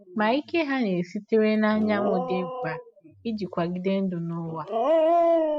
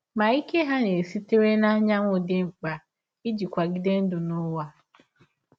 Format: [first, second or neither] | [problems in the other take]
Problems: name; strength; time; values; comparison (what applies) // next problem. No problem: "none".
second | noise reduction (classical method spectral subtraction)